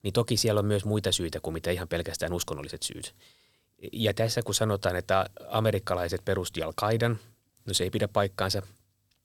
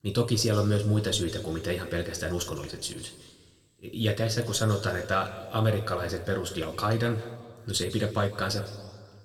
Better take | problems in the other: first | room echo; slight; dies away in 1.4 s

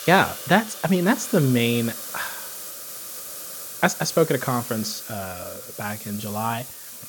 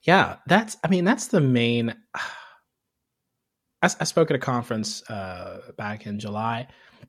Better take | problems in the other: second | hiss; loud; throughout; 9 dB below the speech

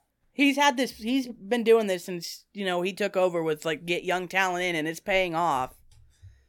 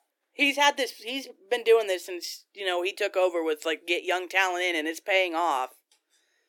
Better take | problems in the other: first | thin; somewhat; fading below 300 Hz

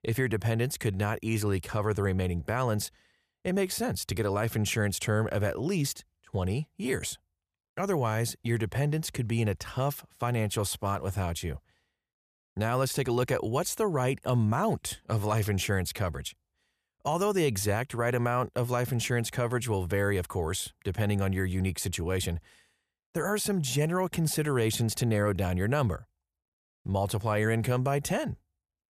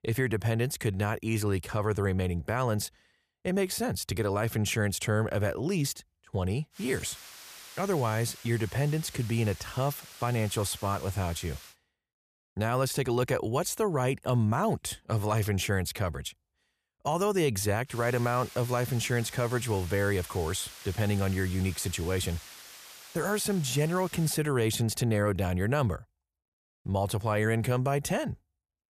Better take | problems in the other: first | hiss; noticeable; from 7 to 12 s and from 18 to 24 s; 15 dB below the speech

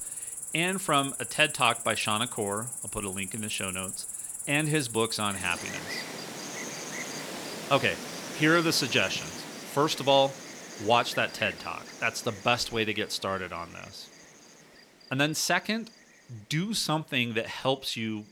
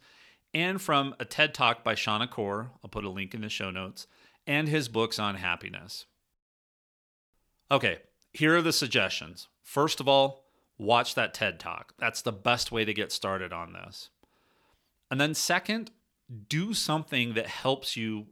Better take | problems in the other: second | animal sounds; loud; throughout; 8 dB below the speech

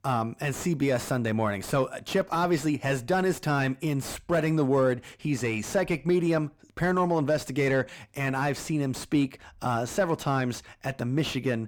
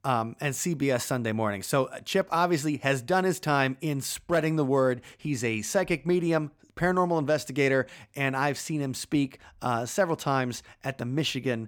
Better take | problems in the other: second | distortion; slight; 10 dB below the speech

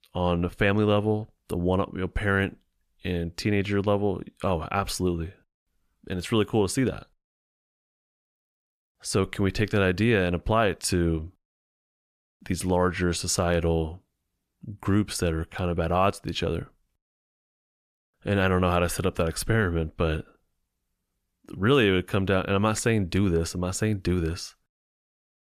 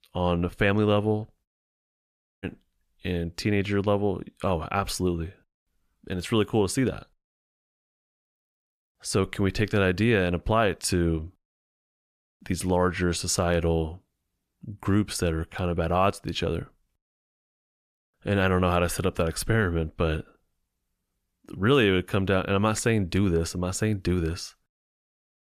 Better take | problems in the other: first | audio cutting out; at 1.5 s for 1 s

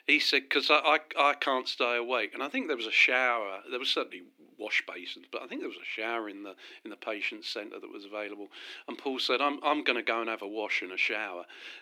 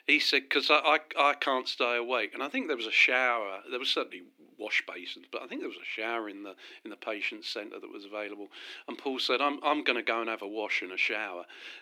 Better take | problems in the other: neither | thin; somewhat; fading below 300 Hz; the same in both

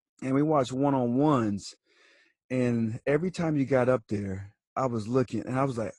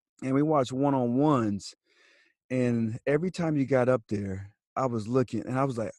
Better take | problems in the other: second | garbled, watery; slightly

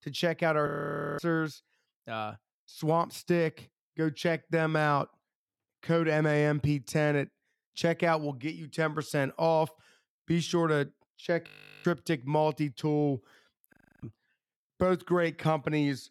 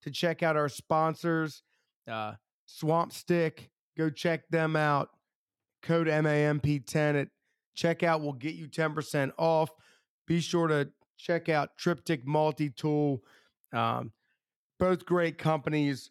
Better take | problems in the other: second | audio freezing; at 0.5 s for 0.5 s, at 11 s and at 14 s

